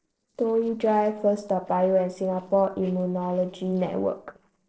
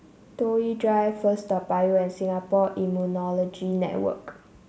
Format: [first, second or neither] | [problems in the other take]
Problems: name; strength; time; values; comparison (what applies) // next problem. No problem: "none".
second | noise reduction (neural separator model SepFormer DNS4)